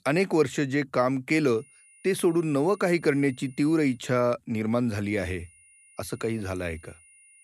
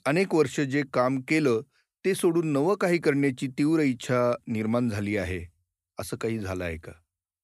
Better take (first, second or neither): second